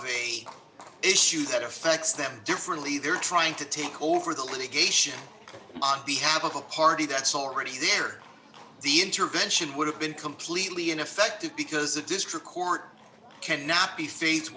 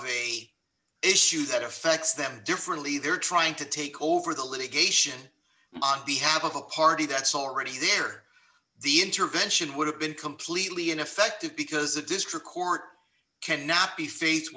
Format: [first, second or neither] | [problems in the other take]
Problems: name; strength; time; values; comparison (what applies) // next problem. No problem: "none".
second | background sound (Livestock, farm animals, working animals); 20 dB below the speech